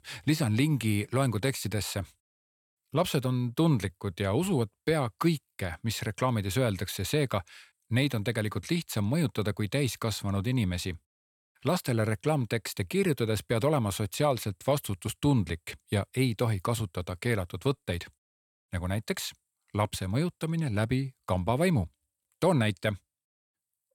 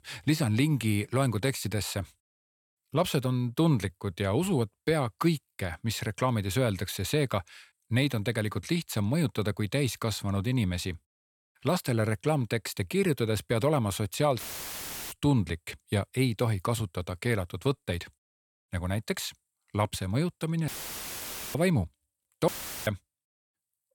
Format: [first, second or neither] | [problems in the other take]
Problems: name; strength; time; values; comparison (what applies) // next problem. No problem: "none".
first | audio cutting out; filled with static; at 14 s for 0.5 s, at 21 s for 1 s and at 22 s